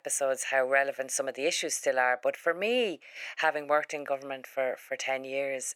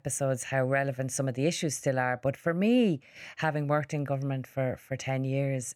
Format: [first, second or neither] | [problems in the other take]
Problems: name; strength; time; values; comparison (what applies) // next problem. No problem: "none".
second | thin; very; fading below 450 Hz